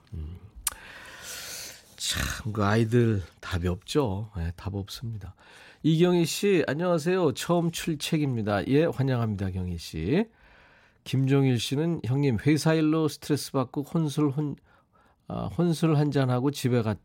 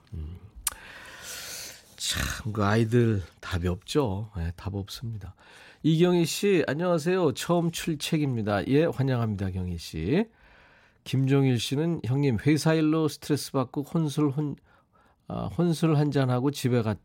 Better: neither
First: none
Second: none

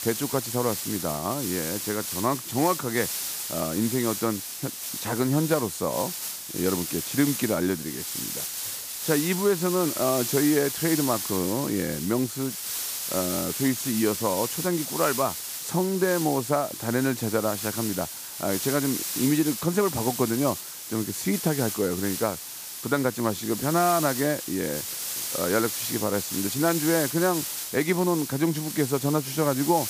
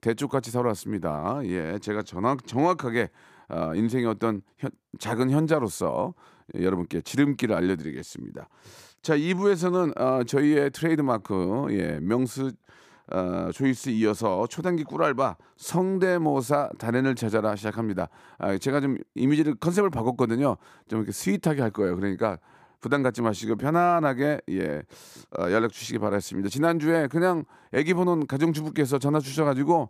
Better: second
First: hiss; loud; throughout; 4 dB below the speech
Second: none

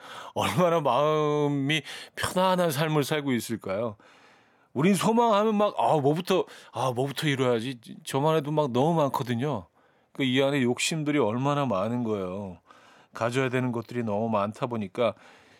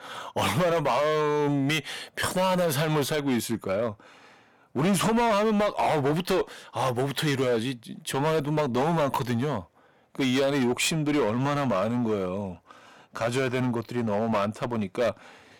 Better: first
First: none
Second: distortion; heavy; 12% of the sound clipped

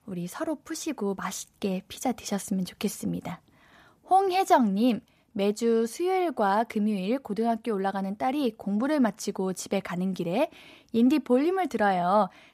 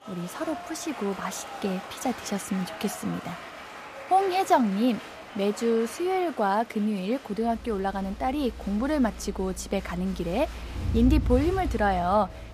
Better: first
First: none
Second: crowd noise; loud; throughout; 10 dB below the speech

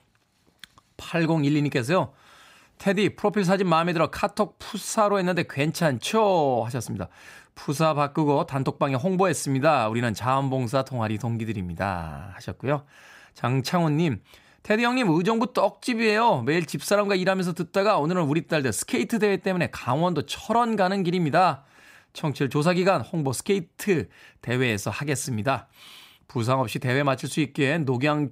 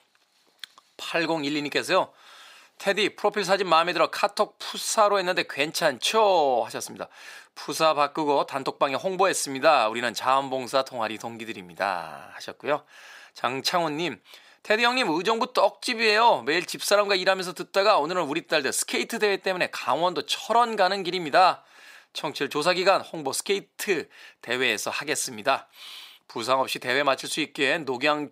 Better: first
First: none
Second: thin; somewhat; fading below 450 Hz

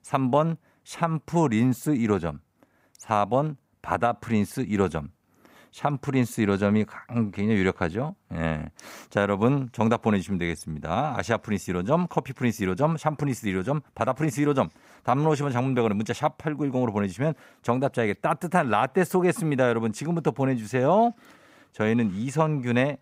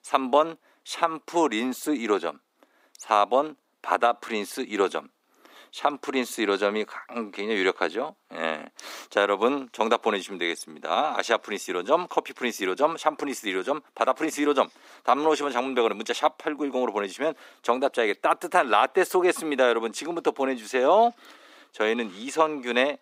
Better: first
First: none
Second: thin; somewhat; fading below 300 Hz

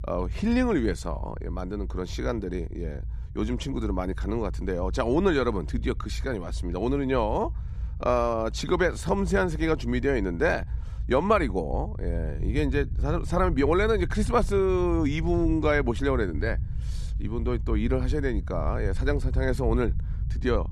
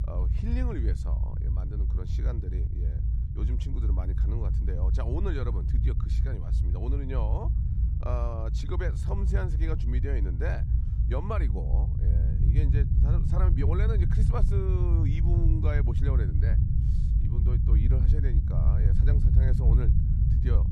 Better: first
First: low rumble; faint; throughout; 20 dB below the speech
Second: low rumble; loud; throughout; 2 dB below the speech

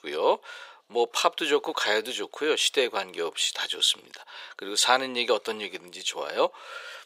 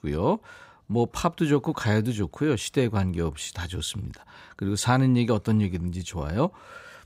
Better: second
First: thin; very; fading below 450 Hz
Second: none

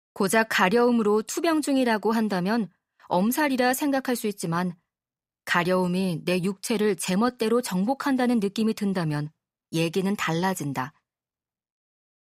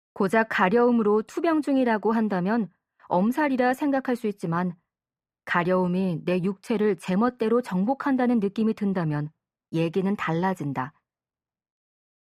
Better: first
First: none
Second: muffled; slightly; fading above 3 kHz

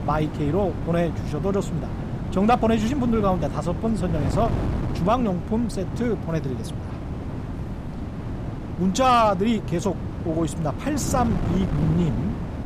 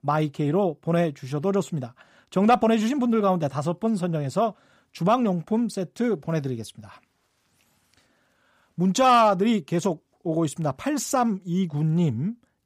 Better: second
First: wind noise on the microphone; occasional gusts; 10 dB below the speech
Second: none

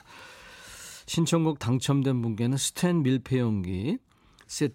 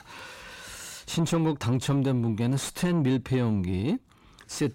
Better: first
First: none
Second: distortion; slight; 10 dB below the speech

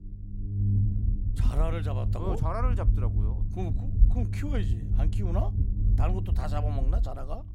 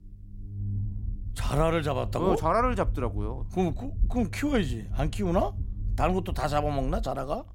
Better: second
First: low rumble; loud; throughout; 6 dB below the speech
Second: low rumble; faint; throughout; 20 dB below the speech

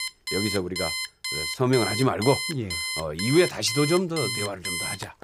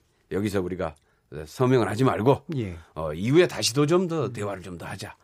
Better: second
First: alarm; noticeable; peak 2 dB below the speech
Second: none

